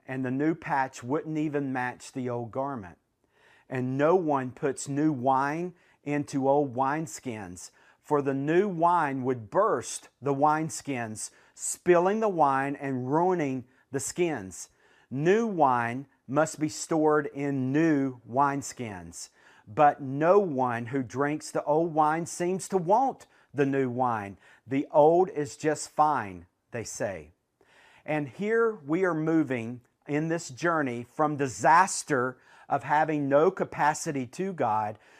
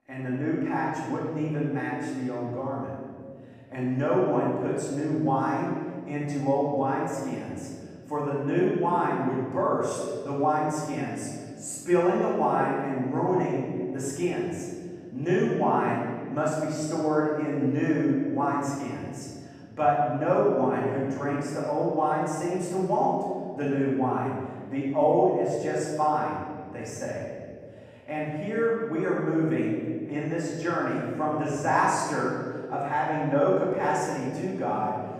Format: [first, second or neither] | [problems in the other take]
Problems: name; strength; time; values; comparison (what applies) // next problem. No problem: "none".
first | room echo; strong; dies away in 2 s // off-mic speech; far